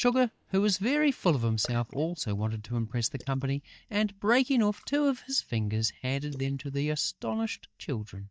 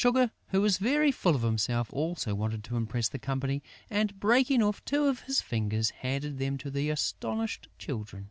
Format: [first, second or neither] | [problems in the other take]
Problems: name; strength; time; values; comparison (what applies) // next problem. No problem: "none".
second | noise reduction (neural mask model DeepFilterNet 3)